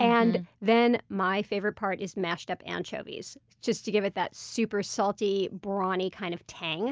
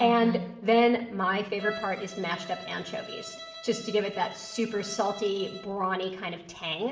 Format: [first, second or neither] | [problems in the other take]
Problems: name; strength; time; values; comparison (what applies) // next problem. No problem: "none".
first | background sound (Bowed string instrument); 16 dB below the speech // room echo; dies away in 0.9 s